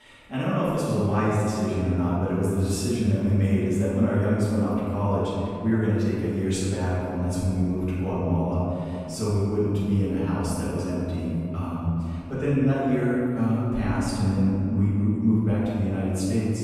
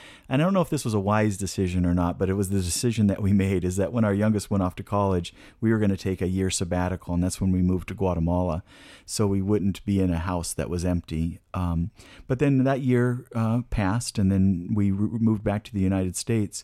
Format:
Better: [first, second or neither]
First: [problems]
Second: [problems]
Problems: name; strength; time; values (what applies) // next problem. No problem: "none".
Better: second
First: off-mic speech; far // room echo; strong; dies away in 2.6 s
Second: none